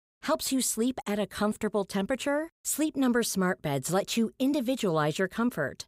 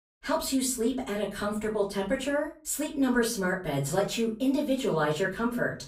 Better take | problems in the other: first | off-mic speech; far // room echo; very slight; dies away in 0.3 s

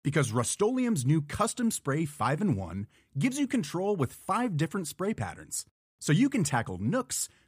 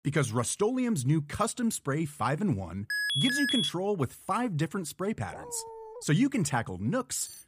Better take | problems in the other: first | alarm; loud; at 3 s; peak 3 dB above the speech // dog barking; faint; at 5.5 s; peak 15 dB below the speech // clattering dishes; very faint; at 7 s; peak 15 dB below the speech

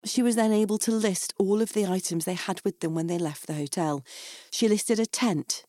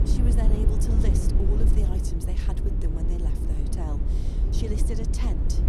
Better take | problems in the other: first | low rumble; loud; throughout; as loud as the speech

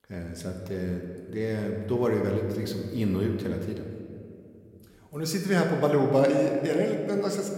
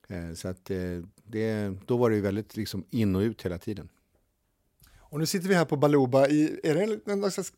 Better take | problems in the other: second | room echo; slight; dies away in 1.8 s

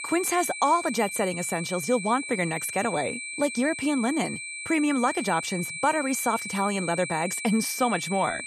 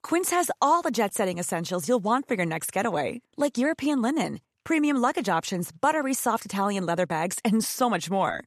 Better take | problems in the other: second | high-pitched whine; loud; throughout; 2.5 kHz, 7 dB below the speech

